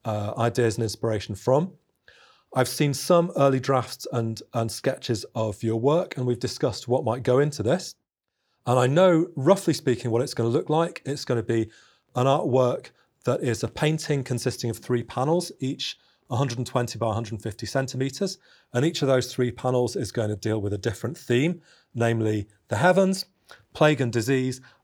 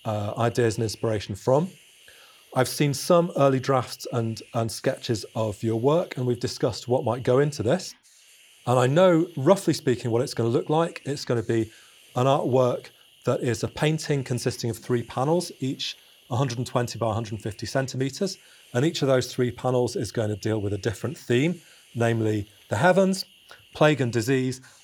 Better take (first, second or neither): first